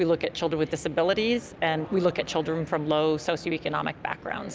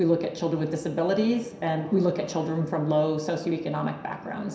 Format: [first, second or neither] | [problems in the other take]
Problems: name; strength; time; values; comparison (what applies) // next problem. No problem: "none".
first | room echo; dies away in 0.7 s